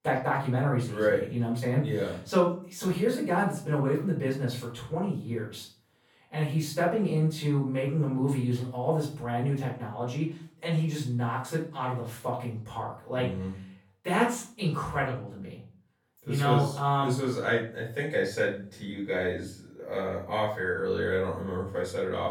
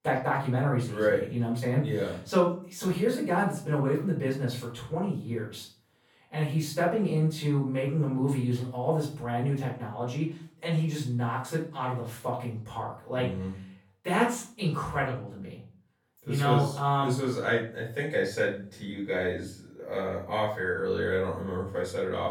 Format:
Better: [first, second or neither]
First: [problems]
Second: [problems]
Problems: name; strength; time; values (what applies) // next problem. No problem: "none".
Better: neither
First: off-mic speech; far // room echo; noticeable; dies away in 0.4 s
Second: off-mic speech; far // room echo; noticeable; dies away in 0.4 s